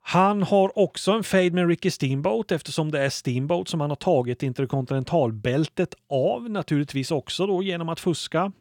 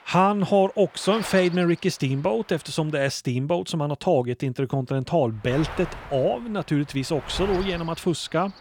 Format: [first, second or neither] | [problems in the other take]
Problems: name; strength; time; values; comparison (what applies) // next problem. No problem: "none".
first | wind noise on the microphone; occasional gusts; until 3 s and from 5.5 s on; 10 dB below the speech